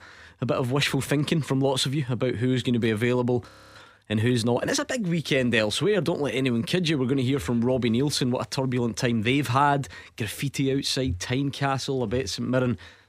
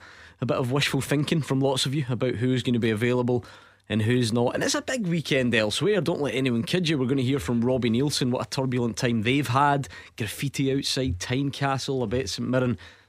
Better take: second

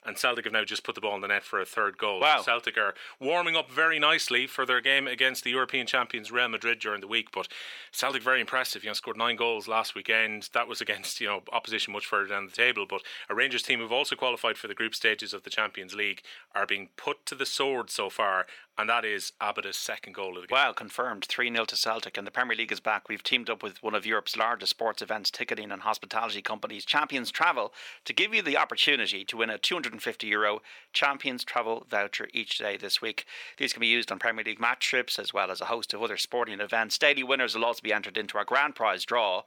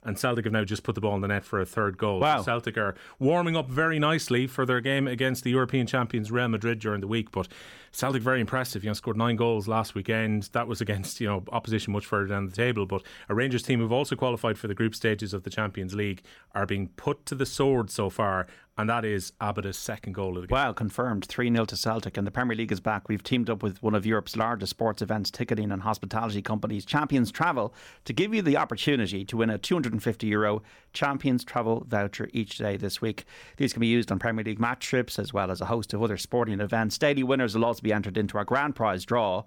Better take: second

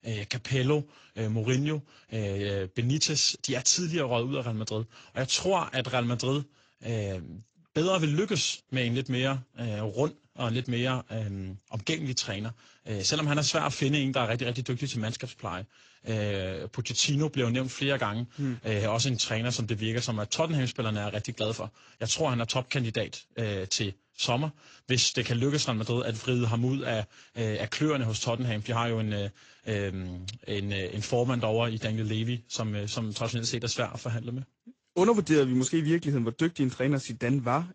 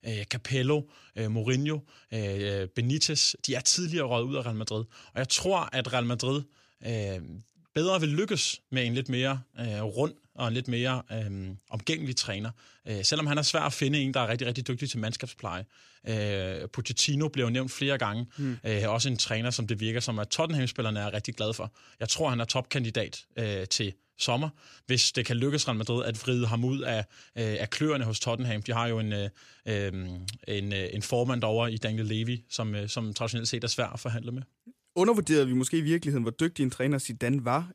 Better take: second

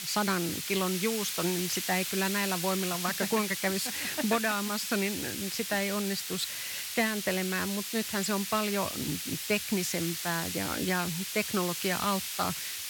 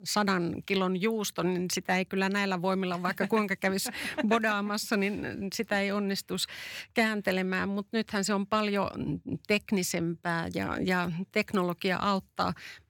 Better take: second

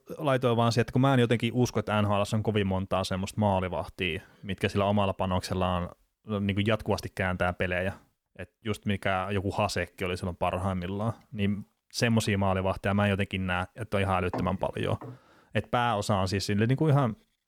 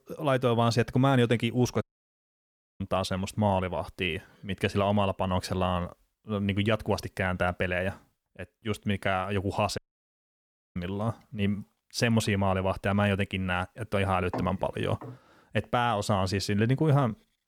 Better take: first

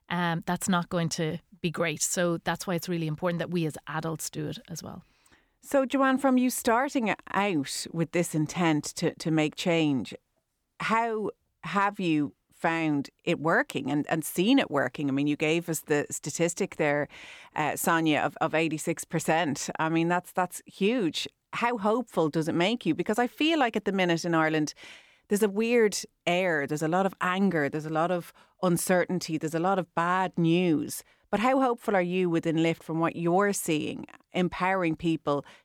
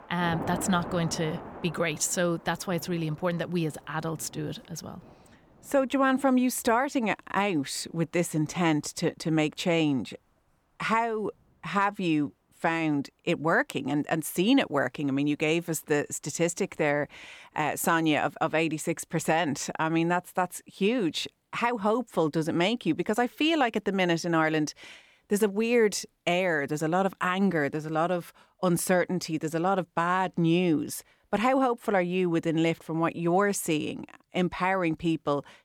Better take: first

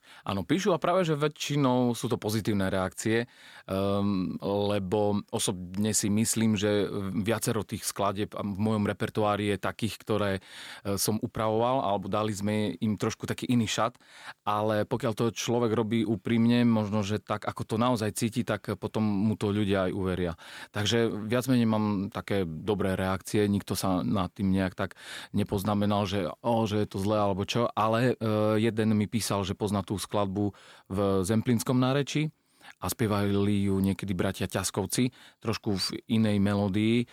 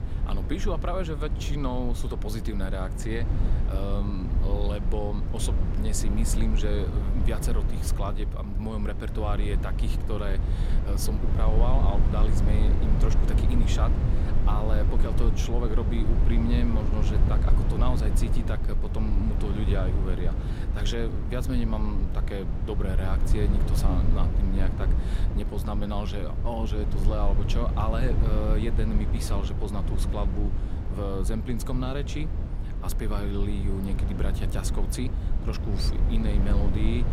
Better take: first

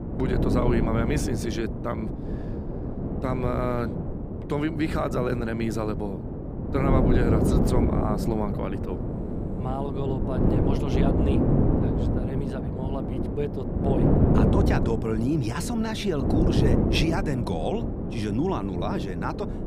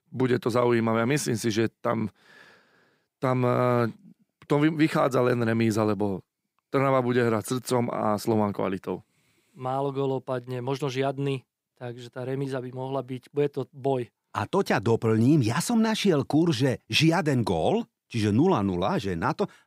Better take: second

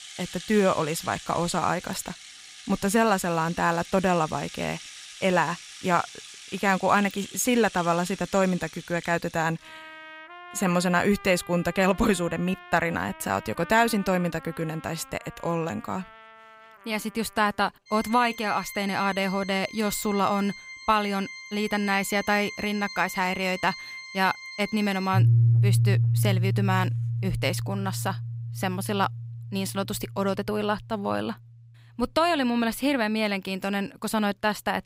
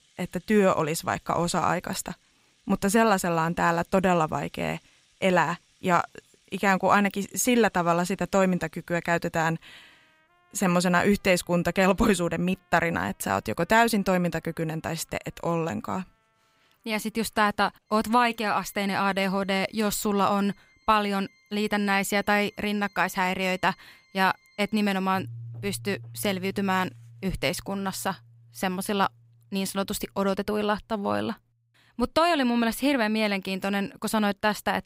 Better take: second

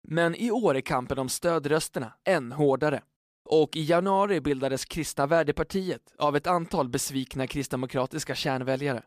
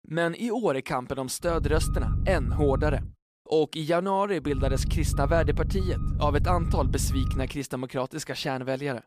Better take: first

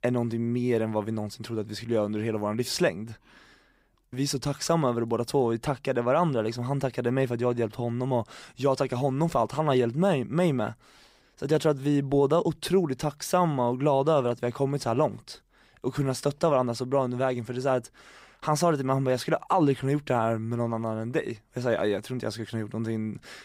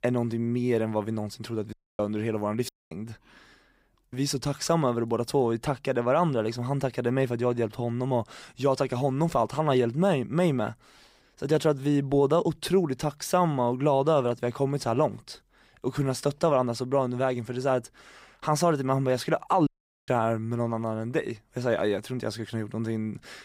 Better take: first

